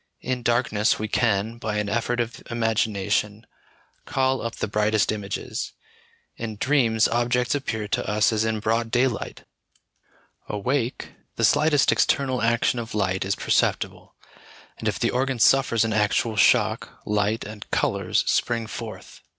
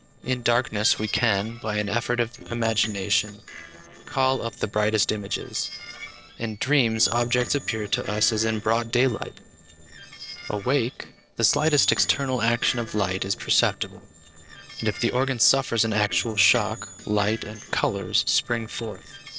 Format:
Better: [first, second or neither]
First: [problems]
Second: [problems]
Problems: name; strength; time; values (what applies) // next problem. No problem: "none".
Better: first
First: none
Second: noise reduction (neural separator model SepFormer DNS4)